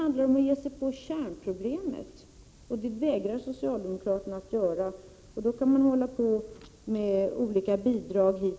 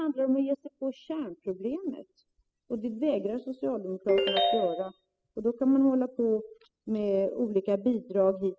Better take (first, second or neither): first